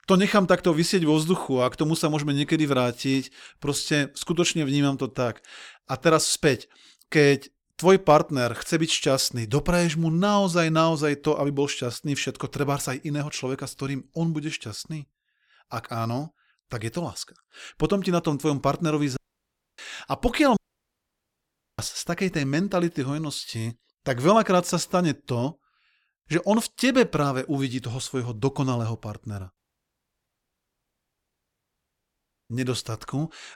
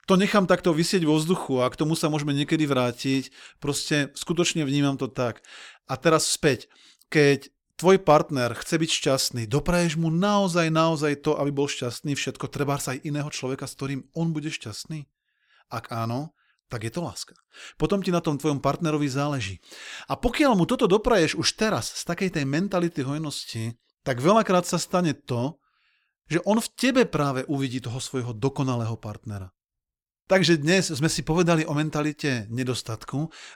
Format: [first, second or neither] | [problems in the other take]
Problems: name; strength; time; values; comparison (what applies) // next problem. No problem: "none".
second | audio cutting out; at 19 s for 0.5 s, at 21 s for 1 s and at 30 s for 3 s